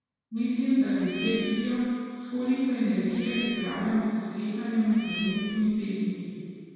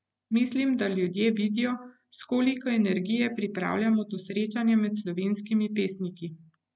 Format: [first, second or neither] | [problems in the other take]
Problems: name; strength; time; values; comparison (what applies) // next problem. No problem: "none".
second | background sound (Cat); 11 dB below the speech // room echo; dies away in 2.1 s